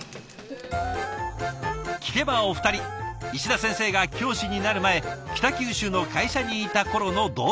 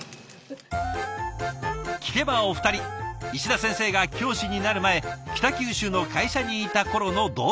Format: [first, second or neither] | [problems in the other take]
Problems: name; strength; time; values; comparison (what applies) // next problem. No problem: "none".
second | background sound (Run + Crowd); 19 dB below the speech